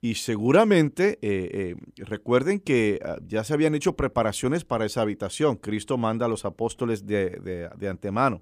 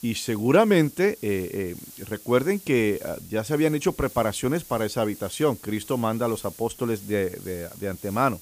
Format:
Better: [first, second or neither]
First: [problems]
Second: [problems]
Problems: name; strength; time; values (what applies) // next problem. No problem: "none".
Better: first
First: none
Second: hiss; noticeable; throughout; 20 dB below the speech